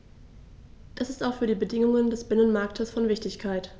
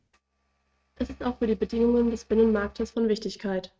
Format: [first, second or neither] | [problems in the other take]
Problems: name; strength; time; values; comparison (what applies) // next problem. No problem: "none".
first | noise reduction (neural mask model RNNoise)